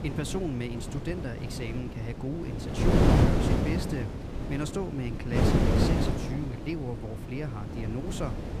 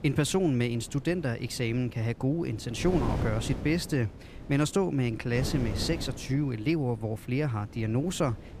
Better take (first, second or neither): second